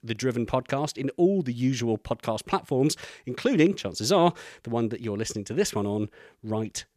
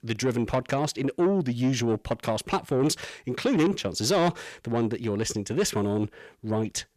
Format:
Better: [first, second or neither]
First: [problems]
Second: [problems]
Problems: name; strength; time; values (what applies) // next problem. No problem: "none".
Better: first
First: none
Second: distortion; slight; 10 dB below the speech